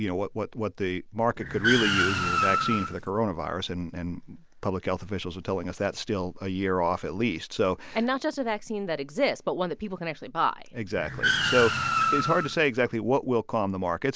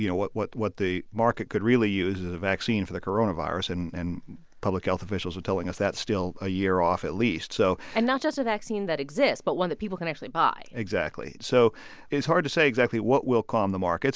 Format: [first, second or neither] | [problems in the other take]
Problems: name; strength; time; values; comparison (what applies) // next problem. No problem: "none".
second | background sound (Car); as loud as the speech